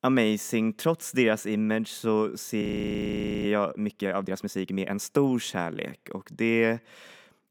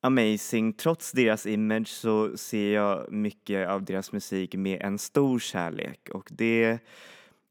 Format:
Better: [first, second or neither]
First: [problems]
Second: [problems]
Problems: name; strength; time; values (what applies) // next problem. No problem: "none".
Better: second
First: audio freezing; at 2.5 s for 1 s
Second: none